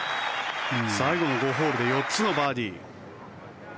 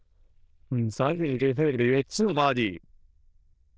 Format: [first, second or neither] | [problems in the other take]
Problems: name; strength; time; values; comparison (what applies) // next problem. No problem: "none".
first | noise reduction (neural diffusion model UNIVERSE++)